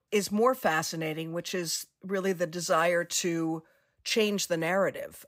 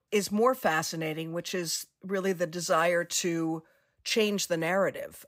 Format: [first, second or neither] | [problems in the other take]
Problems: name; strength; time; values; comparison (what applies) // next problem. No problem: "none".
neither | none